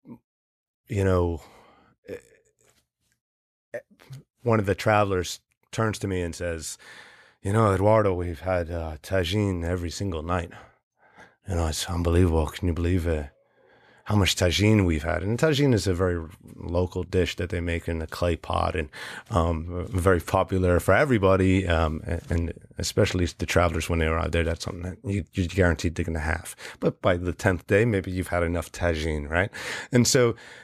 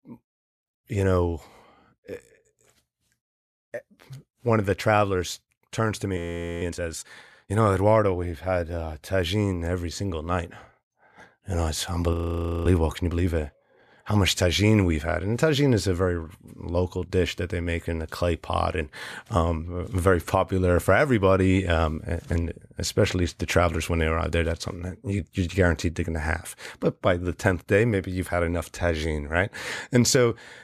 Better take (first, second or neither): first